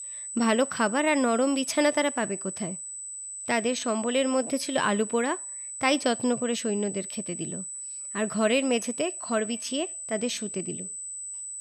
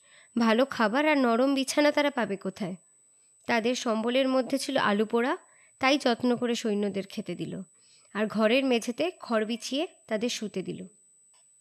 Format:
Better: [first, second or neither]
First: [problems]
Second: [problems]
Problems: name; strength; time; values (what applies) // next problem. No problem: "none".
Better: second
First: high-pitched whine; loud; throughout; 8 kHz, 7 dB below the speech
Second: high-pitched whine; faint; throughout; 8 kHz, 30 dB below the speech